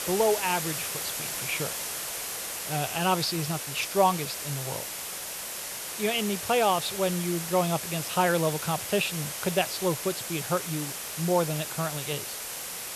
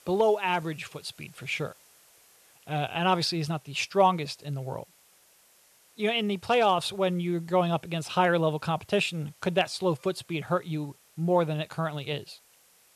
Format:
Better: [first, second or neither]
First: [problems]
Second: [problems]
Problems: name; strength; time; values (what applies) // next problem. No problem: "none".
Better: second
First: hiss; loud; throughout; 4 dB below the speech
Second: hiss; faint; throughout; 30 dB below the speech